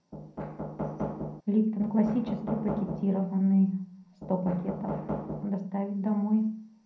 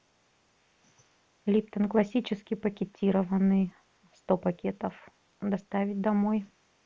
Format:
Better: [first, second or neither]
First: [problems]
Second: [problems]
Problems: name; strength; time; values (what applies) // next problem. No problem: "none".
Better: second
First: background sound (Knock); 6 dB below the speech // room echo; dies away in 0.5 s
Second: none